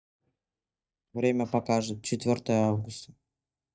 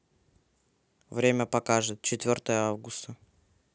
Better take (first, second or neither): second